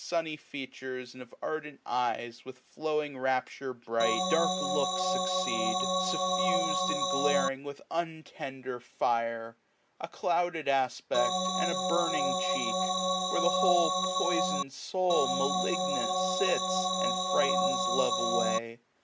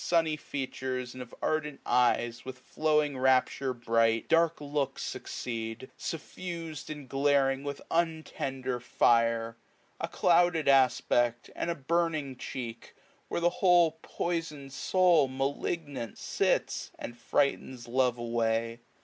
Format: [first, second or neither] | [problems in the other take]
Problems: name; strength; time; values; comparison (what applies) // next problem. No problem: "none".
second | background sound (Organ); 4 dB above the speech